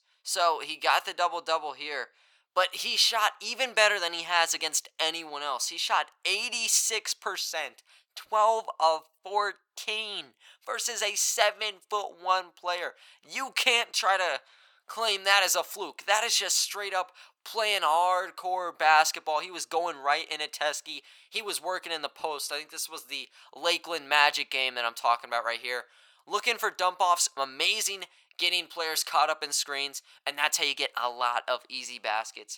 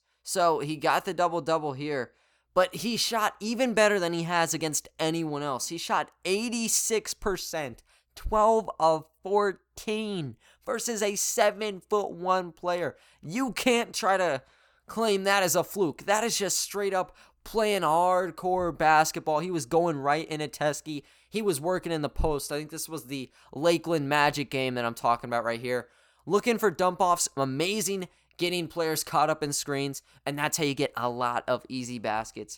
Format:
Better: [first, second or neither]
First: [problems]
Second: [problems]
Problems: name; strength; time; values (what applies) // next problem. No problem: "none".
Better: second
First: thin; very; fading below 800 Hz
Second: none